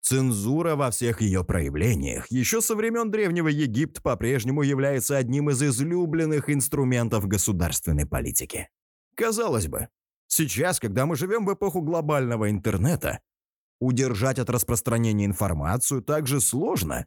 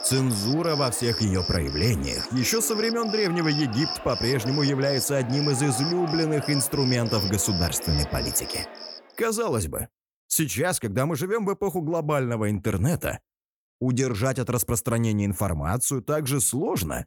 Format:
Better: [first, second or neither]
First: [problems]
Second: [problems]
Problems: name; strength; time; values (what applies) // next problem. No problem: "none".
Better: first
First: none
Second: animal sounds; loud; until 9 s; 5 dB below the speech